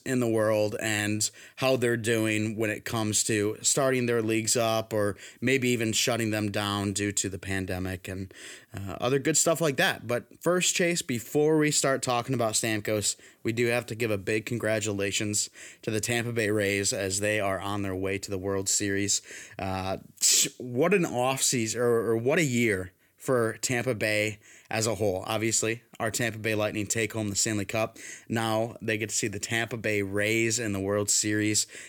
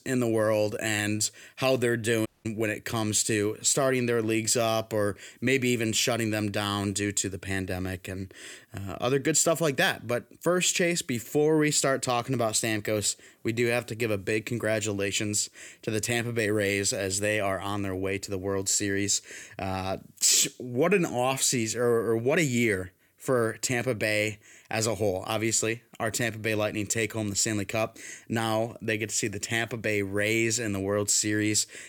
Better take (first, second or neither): first